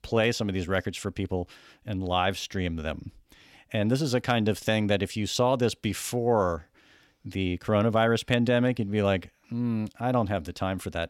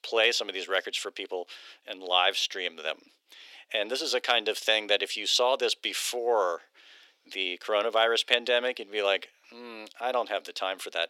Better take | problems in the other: first | thin; very; fading below 400 Hz

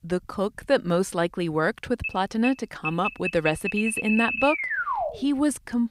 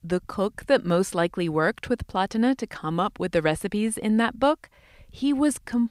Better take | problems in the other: second | alarm; loud; from 2 to 5.5 s; peak 1 dB above the speech

